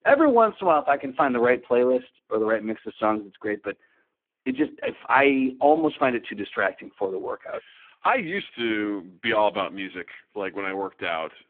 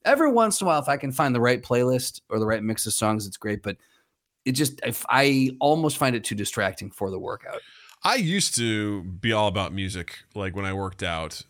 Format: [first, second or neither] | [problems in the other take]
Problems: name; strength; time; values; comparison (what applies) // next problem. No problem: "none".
second | phone-call audio; poor line